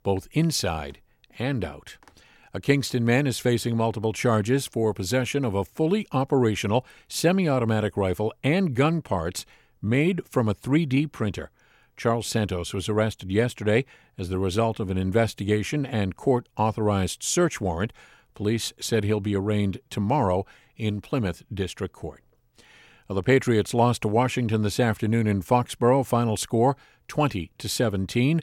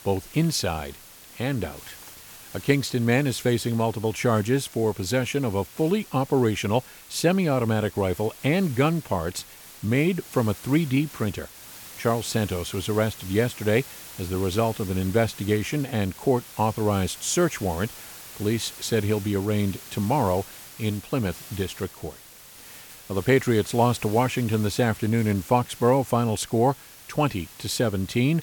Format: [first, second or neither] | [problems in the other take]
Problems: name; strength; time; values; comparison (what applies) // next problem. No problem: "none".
first | hiss; noticeable; throughout; 15 dB below the speech